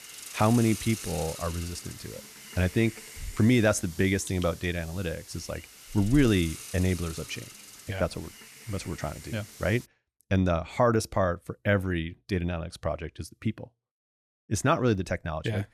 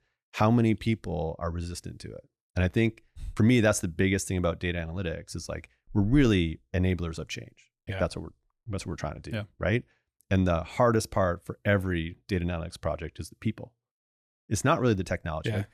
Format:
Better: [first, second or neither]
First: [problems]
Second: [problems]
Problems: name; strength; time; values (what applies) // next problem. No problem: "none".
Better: second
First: hiss; noticeable; until 10 s; 15 dB below the speech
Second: none